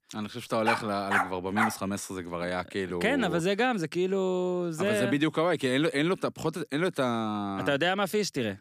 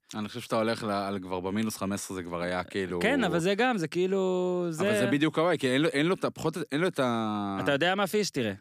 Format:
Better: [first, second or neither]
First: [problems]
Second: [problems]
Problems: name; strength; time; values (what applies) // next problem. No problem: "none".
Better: second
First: dog barking; loud; from 0.5 to 1.5 s; peak level with the speech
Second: none